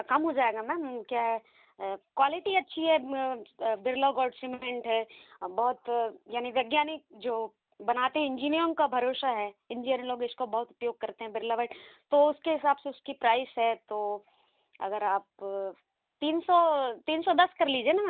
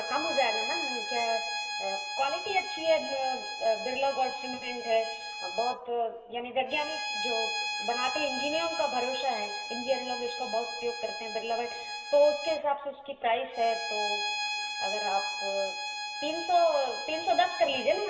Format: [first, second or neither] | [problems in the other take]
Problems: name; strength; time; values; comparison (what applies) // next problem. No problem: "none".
first | background sound (Bowed string instrument); 5 dB below the speech // room echo; dies away in 1.4 s